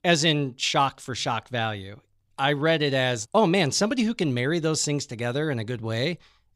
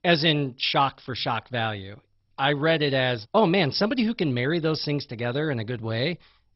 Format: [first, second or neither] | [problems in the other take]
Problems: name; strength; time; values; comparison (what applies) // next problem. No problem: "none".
first | garbled, watery; badly; nothing above 5.5 kHz